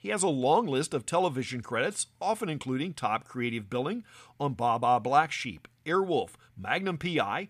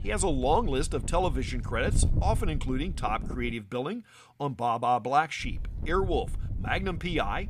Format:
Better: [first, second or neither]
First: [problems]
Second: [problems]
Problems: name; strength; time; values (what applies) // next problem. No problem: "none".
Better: first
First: none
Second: wind noise on the microphone; occasional gusts; until 3.5 s and from 5.5 s on; 20 dB below the speech